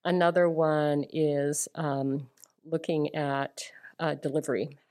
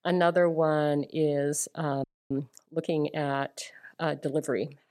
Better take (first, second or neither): first